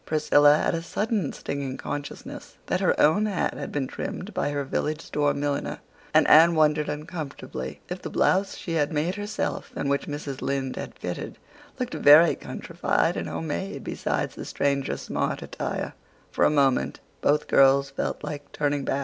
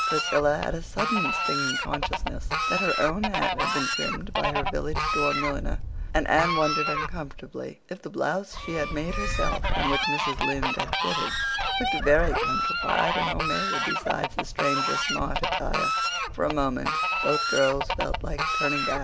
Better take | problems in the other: first | background sound (Fowl); 2 dB above the speech

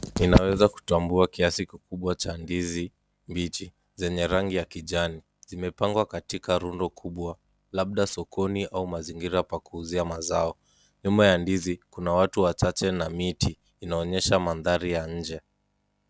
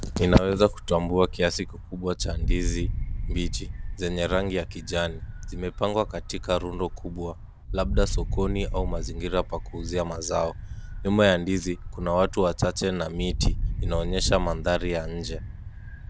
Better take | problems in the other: first | background sound (Wind); 4 dB below the speech

